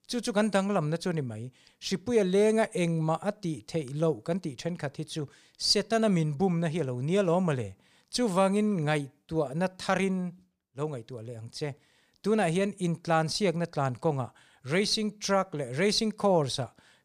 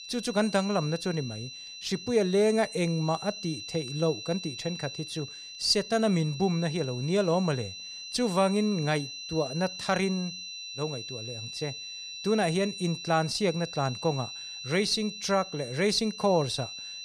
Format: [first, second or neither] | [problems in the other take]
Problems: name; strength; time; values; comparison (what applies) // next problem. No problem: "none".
first | high-pitched whine; loud; throughout; 4 kHz, 10 dB below the speech